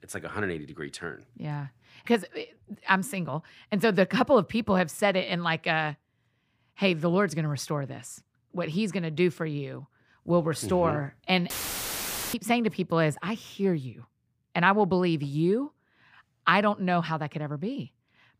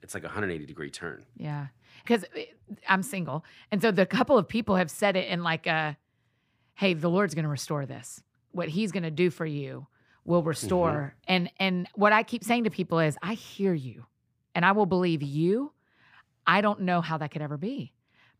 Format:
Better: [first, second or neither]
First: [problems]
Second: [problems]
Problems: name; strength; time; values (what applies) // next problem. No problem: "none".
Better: second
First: audio cutting out; filled with static; at 12 s for 1 s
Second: none